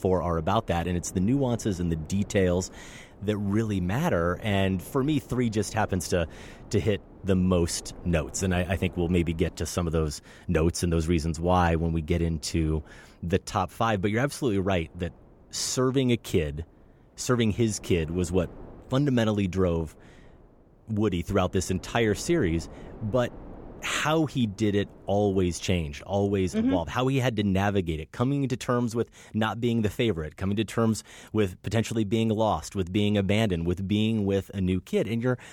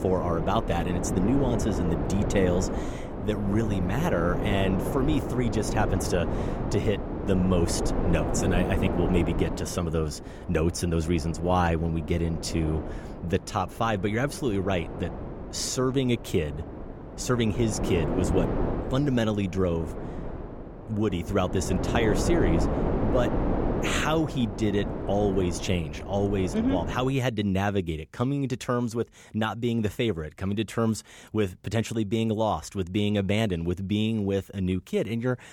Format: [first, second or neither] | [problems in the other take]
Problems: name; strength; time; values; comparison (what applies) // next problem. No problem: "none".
first | wind noise on the microphone; heavy; until 27 s; 5 dB below the speech; occasional gusts in the first